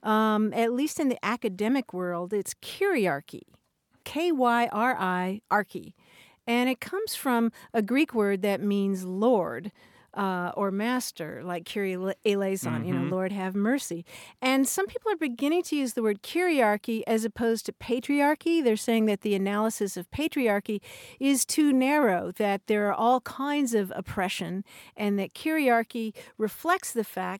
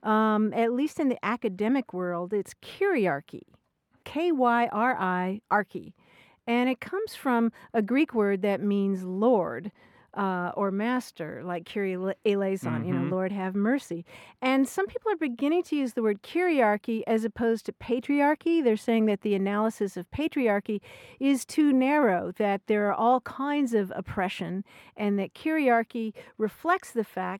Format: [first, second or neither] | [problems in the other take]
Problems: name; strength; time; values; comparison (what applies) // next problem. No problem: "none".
first | muffled; slightly; fading above 3.5 kHz